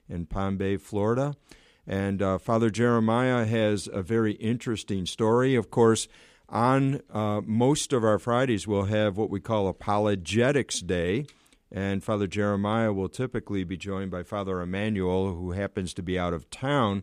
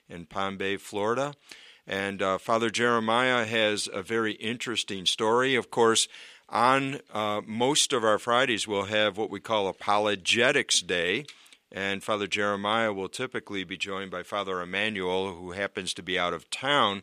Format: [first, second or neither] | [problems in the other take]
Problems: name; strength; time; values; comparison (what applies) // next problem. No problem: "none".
first | thin; somewhat; fading below 800 Hz